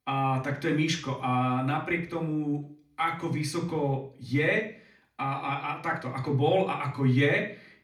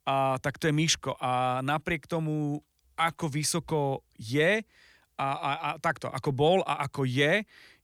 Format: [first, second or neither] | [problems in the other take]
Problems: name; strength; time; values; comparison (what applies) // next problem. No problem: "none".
second | room echo; slight; dies away in 0.5 s // off-mic speech; far